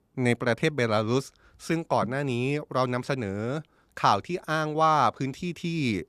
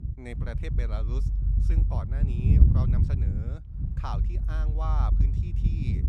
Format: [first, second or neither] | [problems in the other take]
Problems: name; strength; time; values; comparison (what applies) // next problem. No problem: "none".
first | wind noise on the microphone; heavy; as loud as the speech